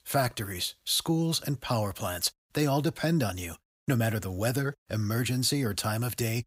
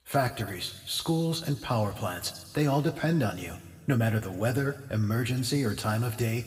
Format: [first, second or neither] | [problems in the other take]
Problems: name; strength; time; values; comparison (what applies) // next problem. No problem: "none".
first | room echo; slight; dies away in 2.6 s